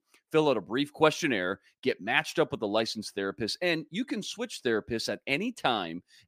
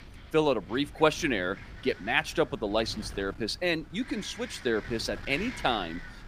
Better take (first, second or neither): first